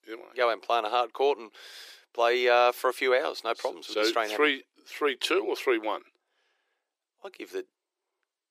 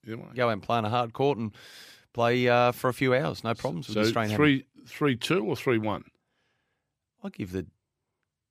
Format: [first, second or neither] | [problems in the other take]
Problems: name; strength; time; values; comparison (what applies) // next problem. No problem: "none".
second | thin; very; fading below 350 Hz